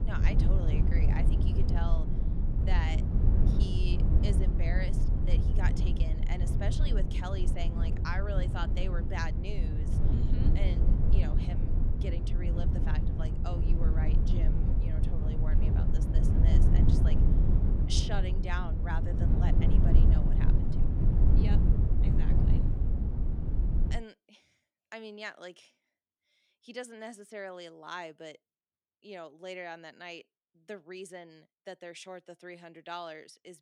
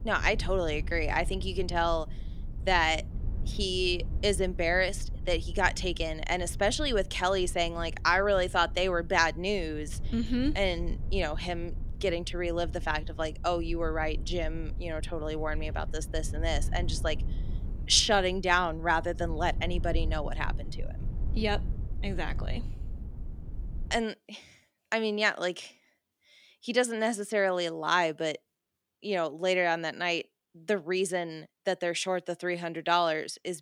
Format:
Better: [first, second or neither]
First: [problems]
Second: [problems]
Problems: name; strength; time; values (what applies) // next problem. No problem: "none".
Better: second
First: low rumble; loud; until 24 s; as loud as the speech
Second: low rumble; faint; until 24 s; 25 dB below the speech